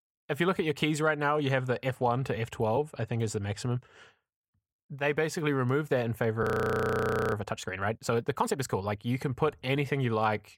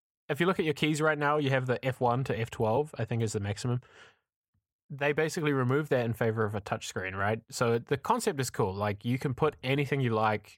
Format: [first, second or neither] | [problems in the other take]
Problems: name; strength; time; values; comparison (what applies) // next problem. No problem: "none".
second | audio freezing; at 6.5 s for 1 s